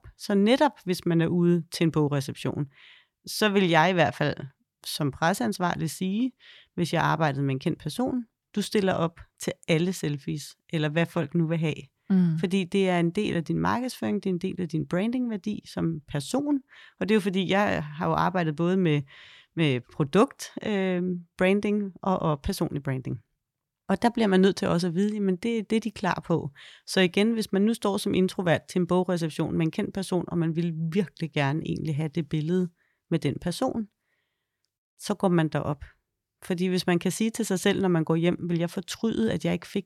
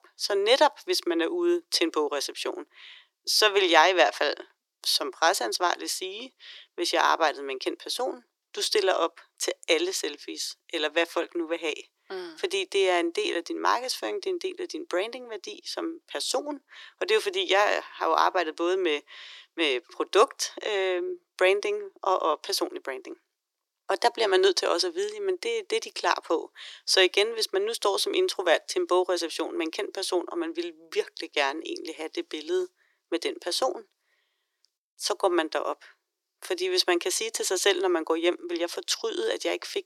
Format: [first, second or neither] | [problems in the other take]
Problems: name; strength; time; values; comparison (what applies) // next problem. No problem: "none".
first | thin; very; fading below 350 Hz